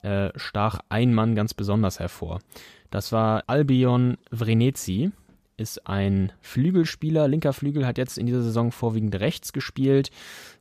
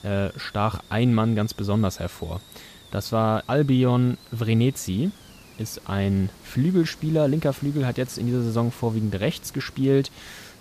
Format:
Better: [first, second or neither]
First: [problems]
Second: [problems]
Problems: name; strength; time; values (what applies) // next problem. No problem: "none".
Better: first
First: none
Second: hiss; faint; throughout; 25 dB below the speech